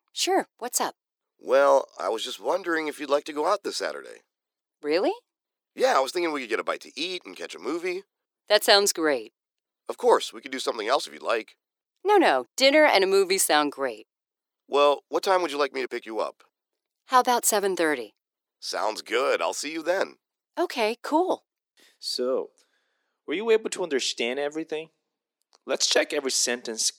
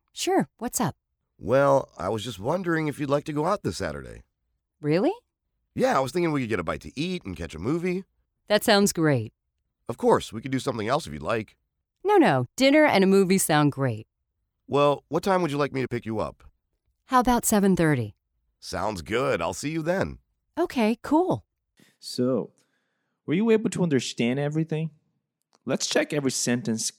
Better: second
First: thin; somewhat; fading below 350 Hz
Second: none

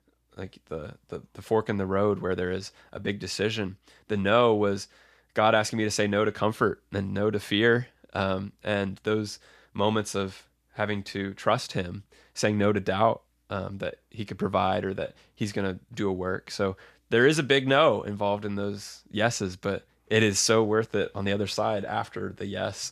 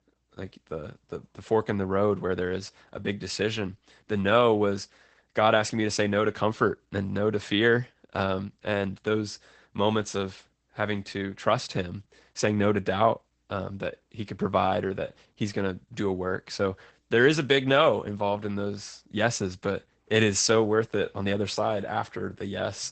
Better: first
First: none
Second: garbled, watery; badly; nothing above 8 kHz

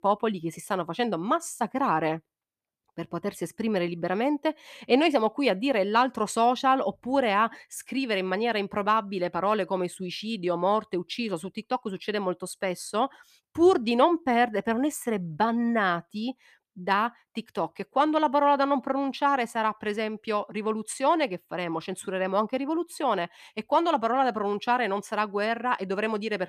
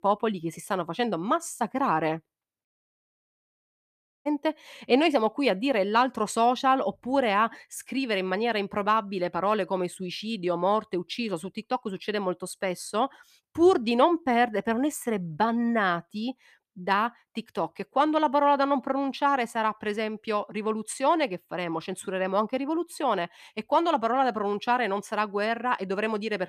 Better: first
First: none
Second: audio cutting out; at 2.5 s for 1.5 s

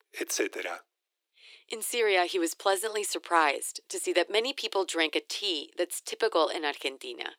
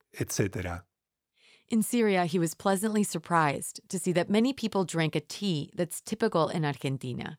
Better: second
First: thin; very; fading below 300 Hz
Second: none

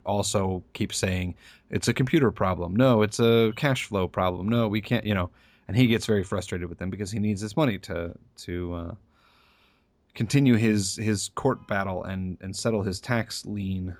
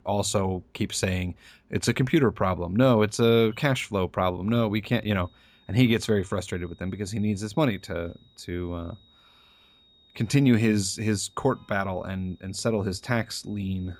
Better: first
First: none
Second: high-pitched whine; faint; from 5 s on; 3.5 kHz, 35 dB below the speech

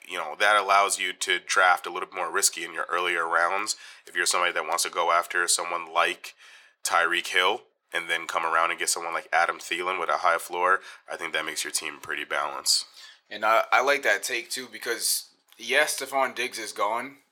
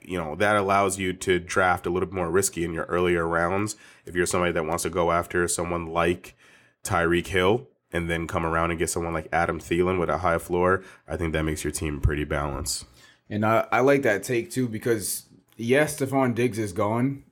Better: second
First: thin; very; fading below 850 Hz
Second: none

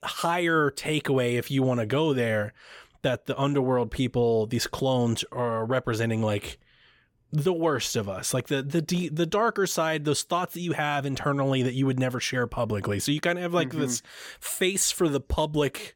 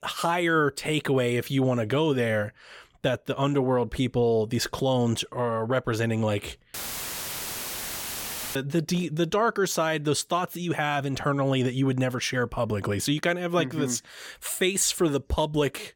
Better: first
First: none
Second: audio cutting out; filled with static; at 6.5 s for 2 s

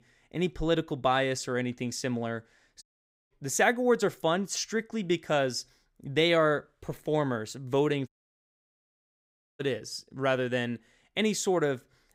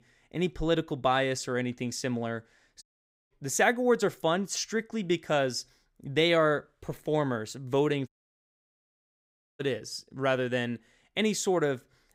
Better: neither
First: audio cutting out; at 3 s and at 8 s for 1.5 s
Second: audio cutting out; at 3 s and at 8 s for 1.5 s

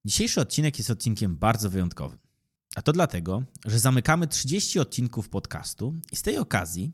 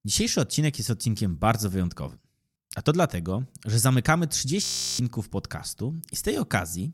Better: first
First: none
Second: audio freezing; at 4.5 s

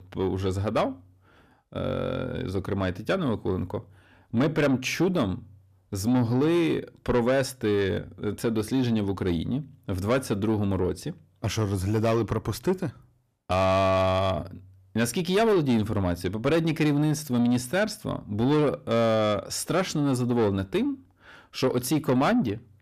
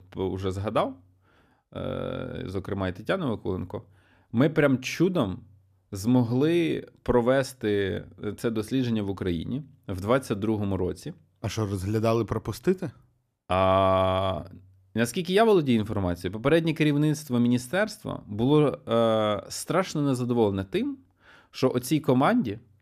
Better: second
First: distortion; slight; 10 dB below the speech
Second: none

